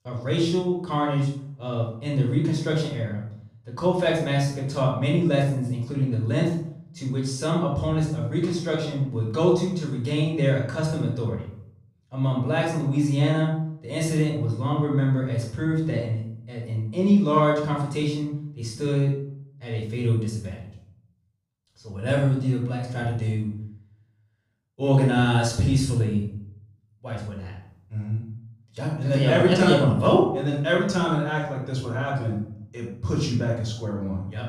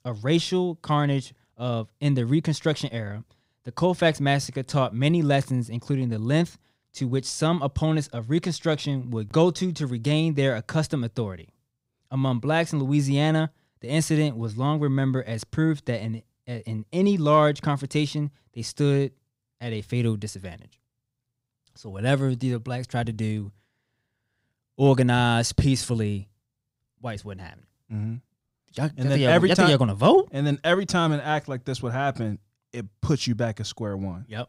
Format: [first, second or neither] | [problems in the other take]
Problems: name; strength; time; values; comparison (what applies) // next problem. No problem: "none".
second | off-mic speech; far // room echo; noticeable; dies away in 0.6 s